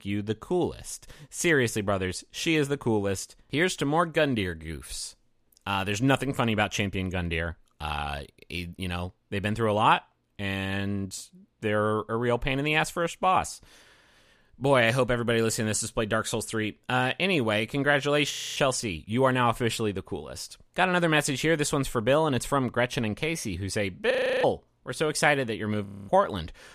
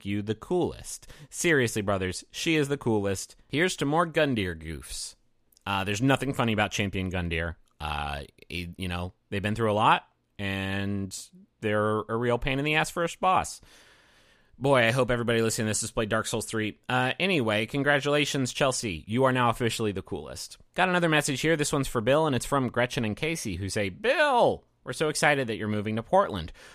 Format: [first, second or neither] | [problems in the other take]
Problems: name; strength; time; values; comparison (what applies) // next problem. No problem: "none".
second | audio freezing; at 18 s, at 24 s and at 26 s